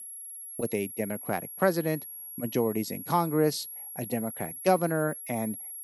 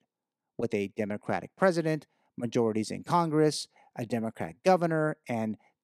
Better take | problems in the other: second | high-pitched whine; loud; throughout; 11.5 kHz, 9 dB below the speech

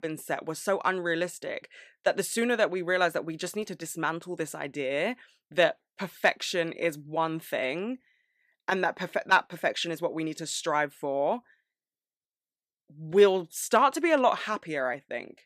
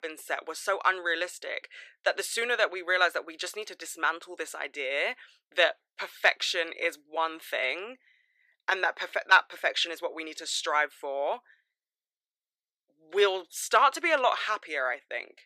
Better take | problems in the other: first | thin; very; fading below 400 Hz

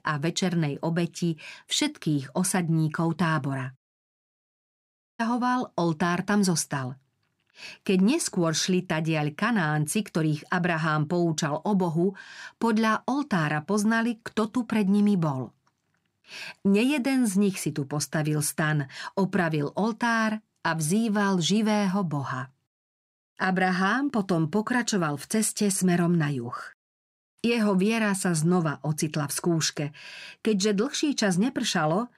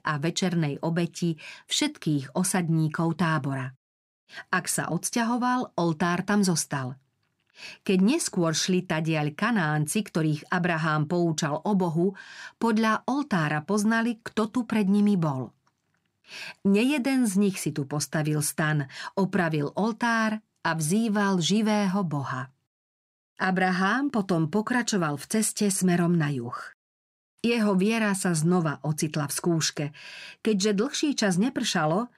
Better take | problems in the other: second | audio cutting out; at 4 s for 1 s

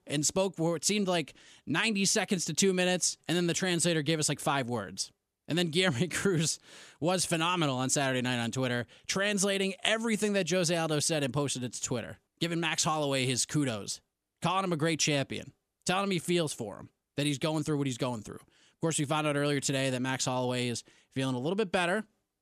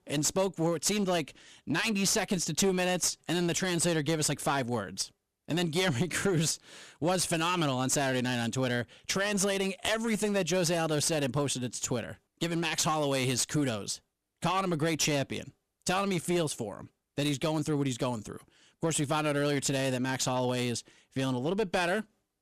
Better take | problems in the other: first | distortion; slight; 7% of the sound clipped

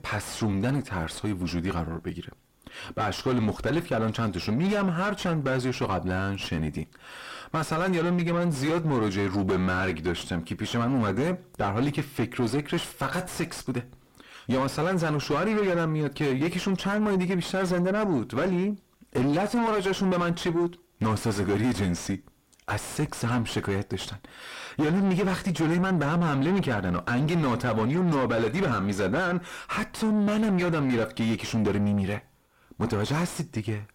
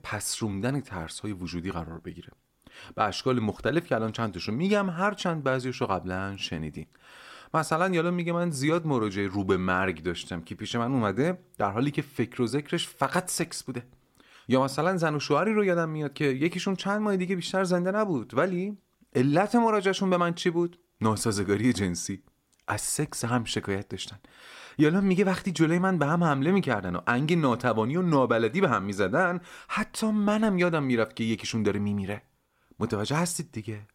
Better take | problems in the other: second | distortion; heavy; 5 dB below the speech

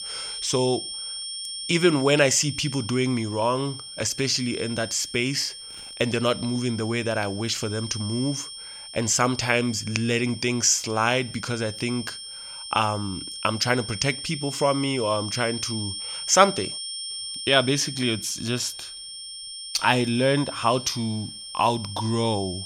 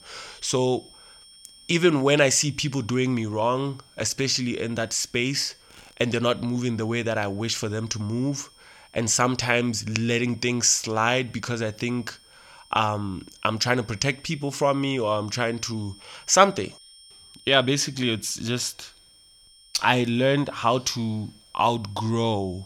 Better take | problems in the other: second | high-pitched whine; loud; throughout; 5.5 kHz, 9 dB below the speech; faint in the second

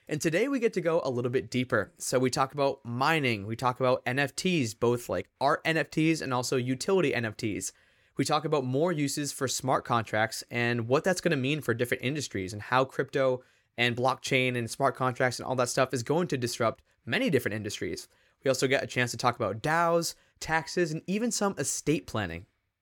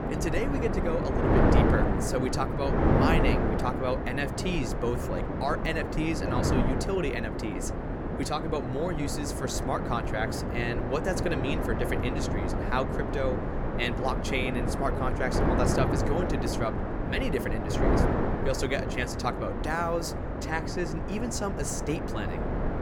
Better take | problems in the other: first | wind noise on the microphone; heavy; as loud as the speech

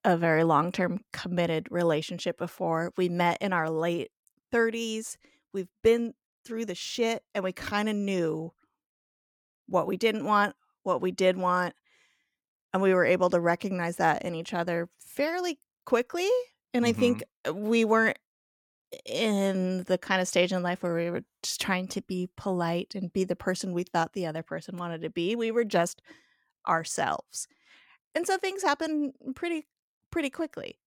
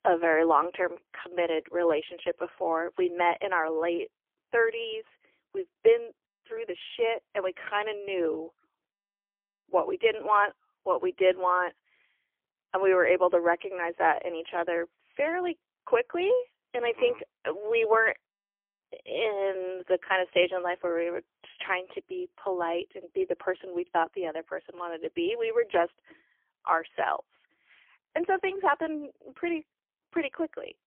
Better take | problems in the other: first | phone-call audio; poor line; nothing above 3.5 kHz

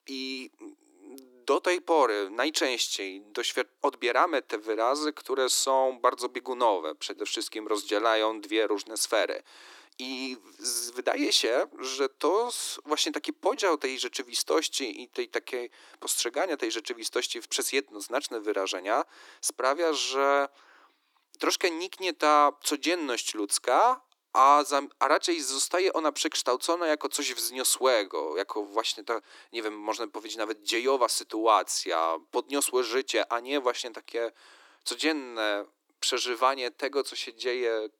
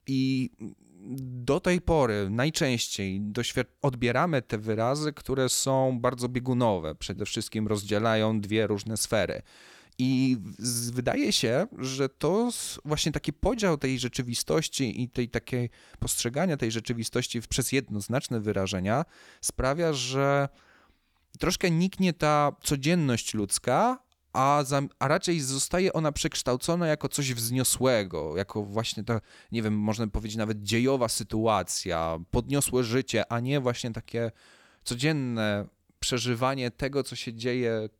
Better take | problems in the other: second | thin; very; fading below 300 Hz

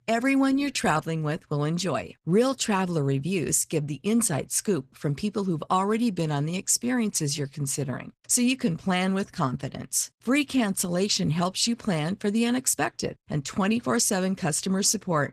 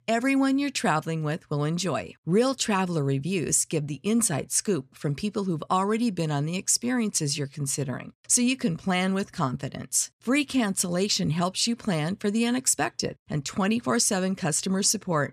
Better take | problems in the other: second | garbled, watery; slightly; nothing above 14.5 kHz

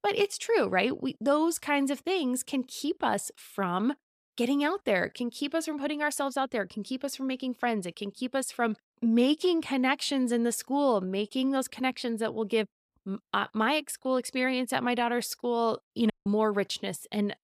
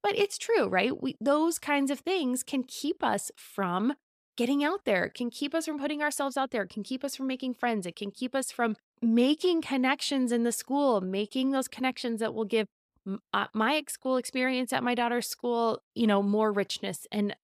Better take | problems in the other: second | audio cutting out; at 16 s

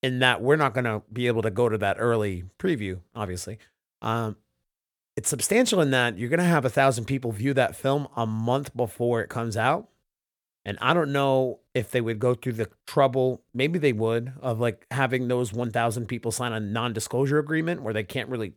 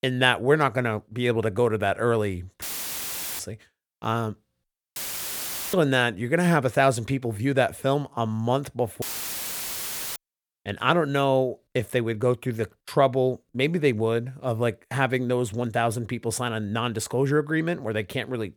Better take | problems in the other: first | audio cutting out; filled with static; at 2.5 s for 1 s, at 5 s for 1 s and at 9 s for 1 s

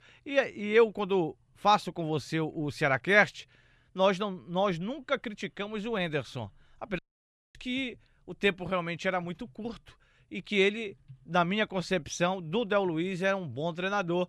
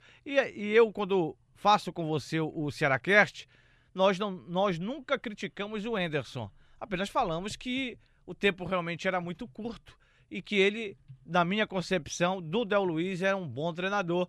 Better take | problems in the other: second | audio cutting out; at 7 s for 0.5 s

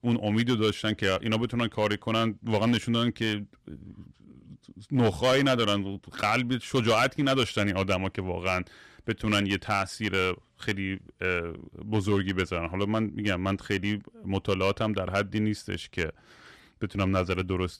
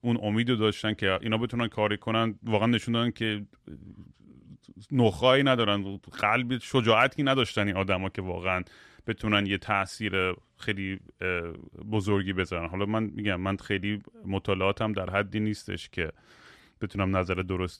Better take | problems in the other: second | distortion; slight; 3% of the sound clipped

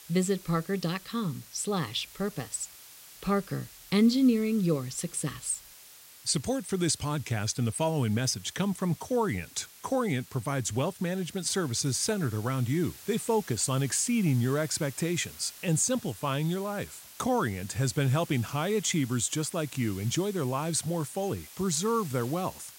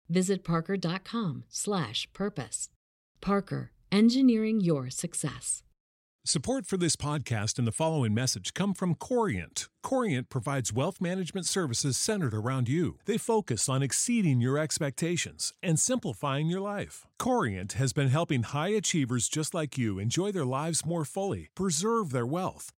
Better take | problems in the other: second | hiss; noticeable; throughout; 15 dB below the speech

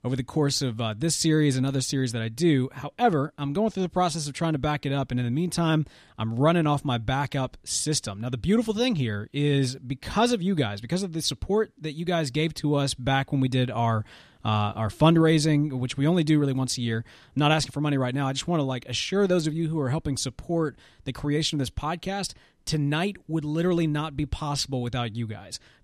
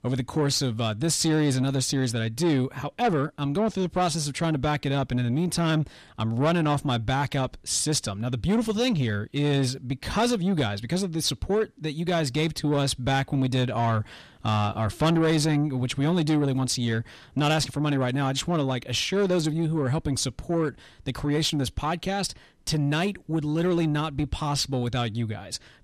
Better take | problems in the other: first | distortion; slight; 10 dB below the speech

